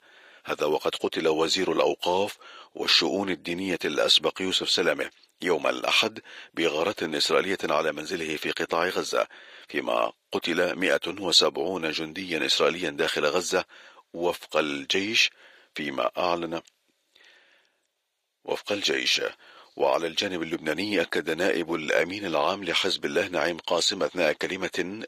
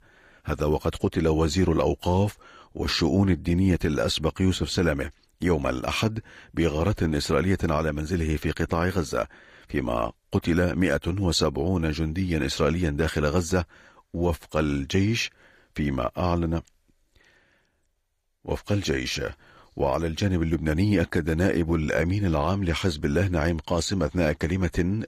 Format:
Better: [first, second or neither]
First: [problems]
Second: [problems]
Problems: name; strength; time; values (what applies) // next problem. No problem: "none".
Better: second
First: thin; somewhat; fading below 450 Hz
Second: none